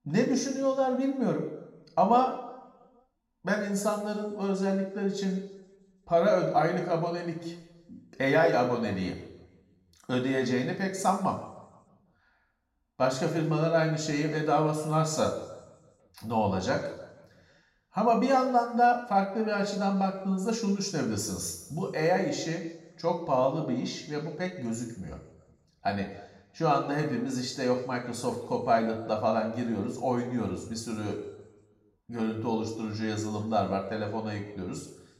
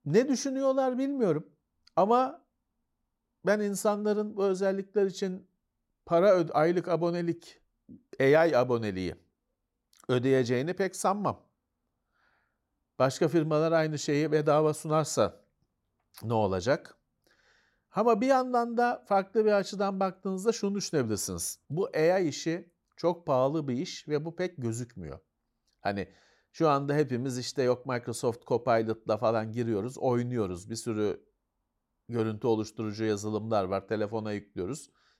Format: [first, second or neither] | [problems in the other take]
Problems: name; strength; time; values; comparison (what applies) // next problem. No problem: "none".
second | room echo; noticeable; dies away in 0.9 s // off-mic speech; somewhat distant